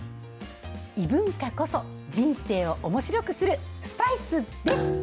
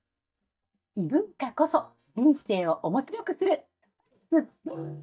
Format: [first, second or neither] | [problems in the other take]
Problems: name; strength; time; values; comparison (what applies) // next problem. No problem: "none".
first | noise reduction (neural mask model DeepFilterNet 3)